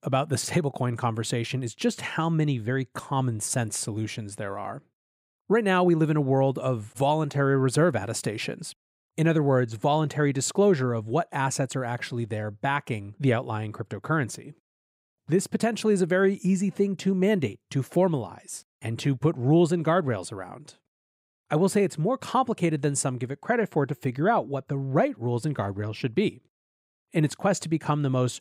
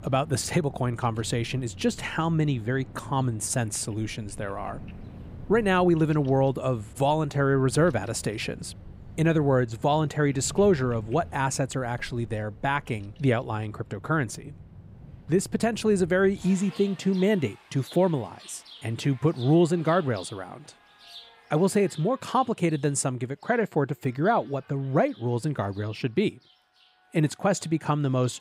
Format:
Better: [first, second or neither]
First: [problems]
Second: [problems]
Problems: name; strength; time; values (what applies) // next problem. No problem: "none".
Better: first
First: none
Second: animal sounds; noticeable; throughout; 20 dB below the speech